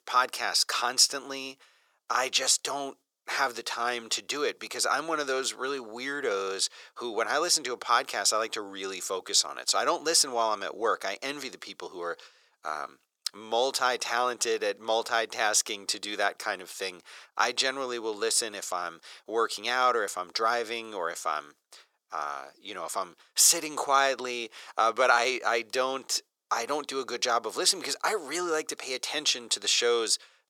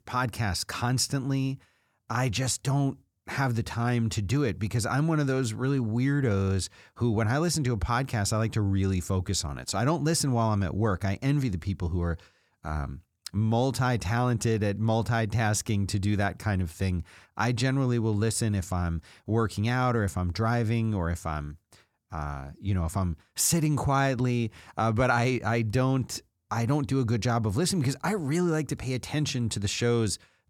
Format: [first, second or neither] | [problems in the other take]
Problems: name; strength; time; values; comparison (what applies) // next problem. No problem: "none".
second | thin; very; fading below 450 Hz